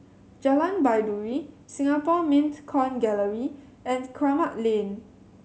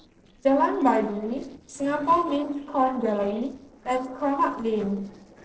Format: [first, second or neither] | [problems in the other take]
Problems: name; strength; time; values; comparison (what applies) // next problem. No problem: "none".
first | noise reduction (neural separator model SepFormer DNS4)